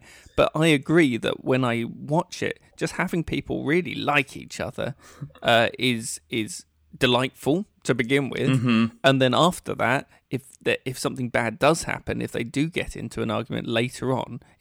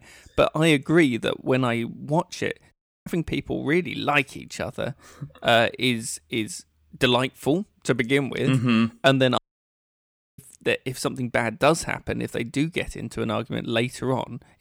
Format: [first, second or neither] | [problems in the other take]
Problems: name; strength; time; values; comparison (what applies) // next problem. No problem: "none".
first | audio cutting out; at 2.5 s and at 9.5 s for 1 s